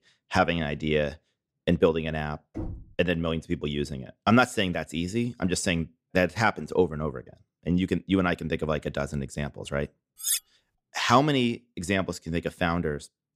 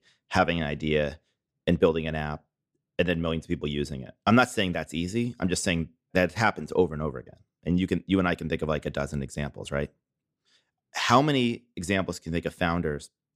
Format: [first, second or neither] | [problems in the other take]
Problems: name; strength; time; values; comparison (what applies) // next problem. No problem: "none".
second | door banging; faint; at 2.5 s; peak 10 dB below the speech // clattering dishes; loud; at 10 s; peak level with the speech